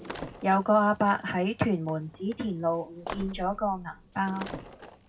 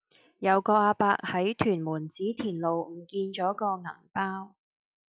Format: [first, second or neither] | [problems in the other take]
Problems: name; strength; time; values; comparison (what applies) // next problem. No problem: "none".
second | background sound (Slam); 15 dB below the speech // room echo; dies away in 0.4 s